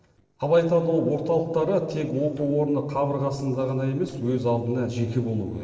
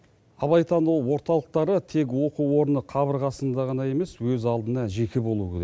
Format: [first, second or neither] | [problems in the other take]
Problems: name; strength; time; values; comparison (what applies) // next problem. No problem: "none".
second | noise reduction (neural separator model SepFormer DNS4)